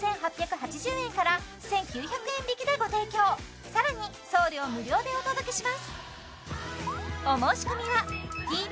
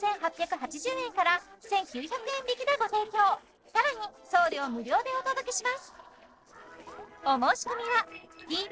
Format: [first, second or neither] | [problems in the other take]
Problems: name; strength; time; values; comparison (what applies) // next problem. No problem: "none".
first | noise reduction (neural separator model SepFormer DNS4)